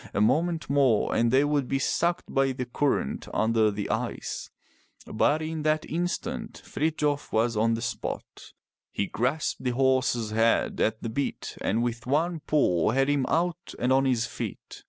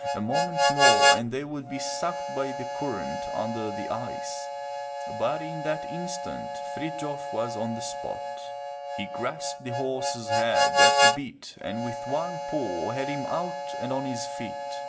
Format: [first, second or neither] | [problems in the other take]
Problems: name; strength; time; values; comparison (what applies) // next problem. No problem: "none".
first | background sound (Harmonica); 4 dB above the speech // room echo; dies away in 0.3 s